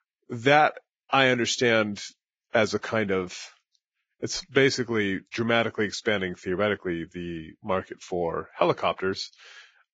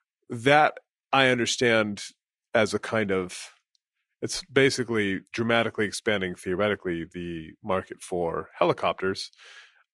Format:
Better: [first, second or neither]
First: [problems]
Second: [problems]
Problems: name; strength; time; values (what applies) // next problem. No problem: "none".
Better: second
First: garbled, watery; badly; nothing above 7.5 kHz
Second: garbled, watery; slightly; nothing above 10.5 kHz